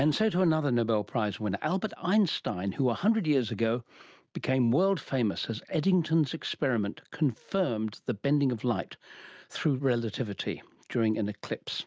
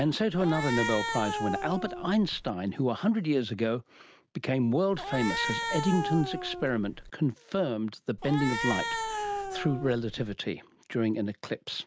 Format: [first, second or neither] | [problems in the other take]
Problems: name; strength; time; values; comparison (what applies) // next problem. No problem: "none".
first | background sound (Cat); 5 dB below the speech